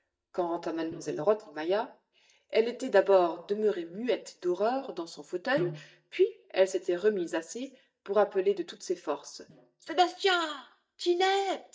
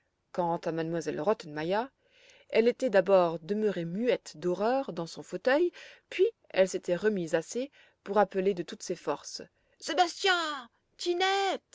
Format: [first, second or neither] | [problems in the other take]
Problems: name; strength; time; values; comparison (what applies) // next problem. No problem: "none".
second | noise reduction (neural mask model DeepFilterNet 3)